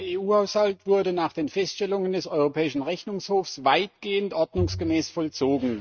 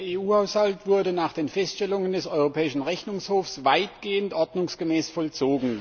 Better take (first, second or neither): second